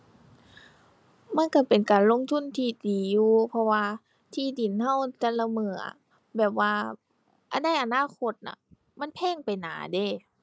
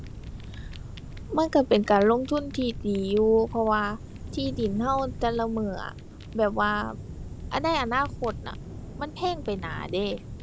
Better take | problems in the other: first | background sound (Fire); 11 dB below the speech

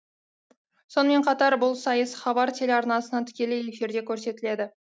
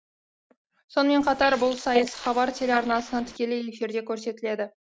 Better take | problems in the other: first | noise reduction (neural mask model Resemble Enhance denoiser)

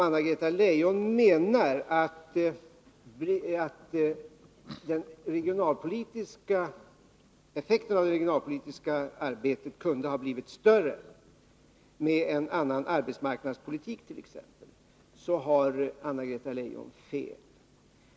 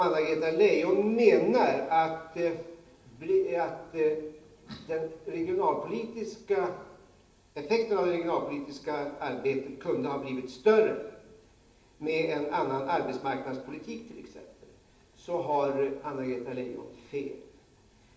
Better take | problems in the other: first | room echo; dies away in 0.8 s

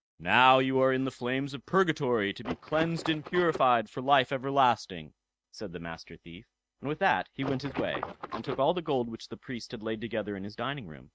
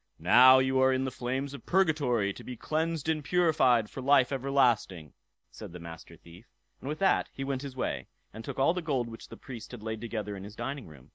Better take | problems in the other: second | noise reduction (neural mask model RNNoise)

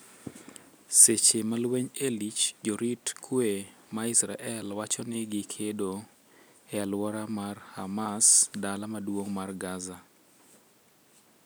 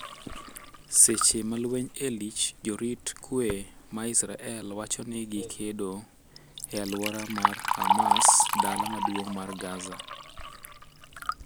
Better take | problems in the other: first | background sound (Liquid); 2 dB below the speech

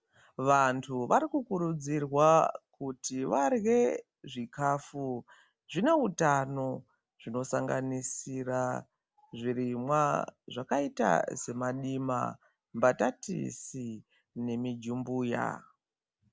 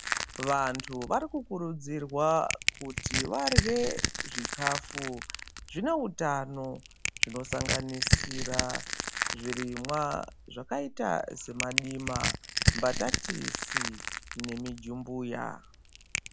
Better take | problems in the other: first | background sound (Crushing); as loud as the speech

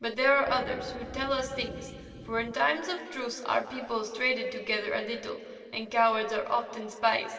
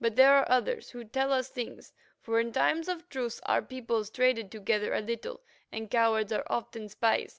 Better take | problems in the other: second | background sound (Wind instrument, woodwind instrument); 15 dB below the speech // room echo; dies away in 2.6 s

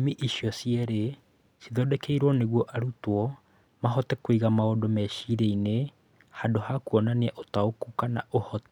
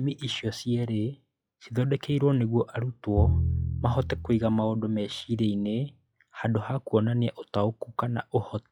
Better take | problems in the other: first | noise reduction (classical method log-MMSE)

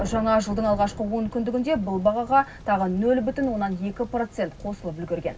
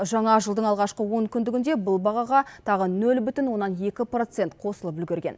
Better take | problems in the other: second | background sound (Thunder); 15 dB below the speech // room echo; dies away in 0.4 s

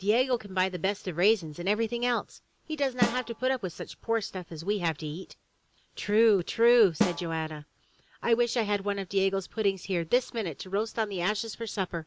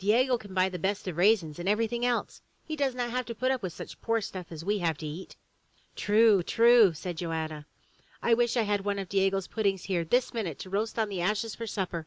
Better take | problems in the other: second | background sound (Snare drum); 6 dB below the speech

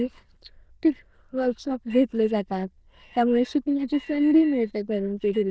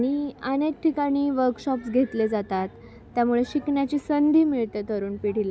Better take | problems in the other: second | noise reduction (neural diffusion model UNIVERSE++)

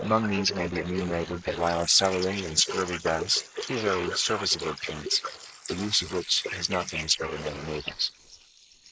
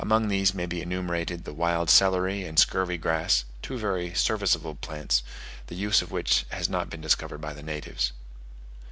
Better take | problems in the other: second | noise reduction (neural mask model Resemble Enhance denoiser)

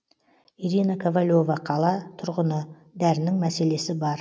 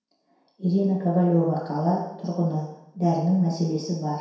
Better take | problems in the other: first | room echo; dies away in 0.7 s

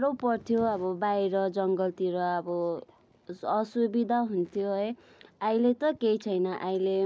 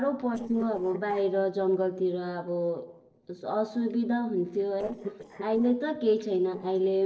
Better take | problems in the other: first | noise reduction (neural separator model SepFormer DNS4)

